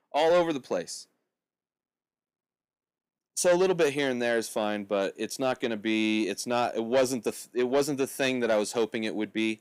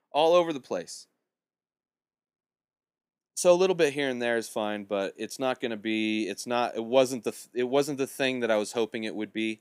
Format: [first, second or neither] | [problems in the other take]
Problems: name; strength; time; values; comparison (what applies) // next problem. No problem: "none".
second | distortion; slight; 10 dB below the speech